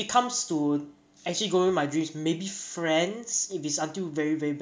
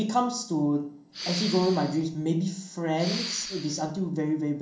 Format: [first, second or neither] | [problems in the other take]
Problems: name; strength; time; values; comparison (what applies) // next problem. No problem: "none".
first | background sound (Respiratory sounds); 9 dB below the speech // room echo; dies away in 0.6 s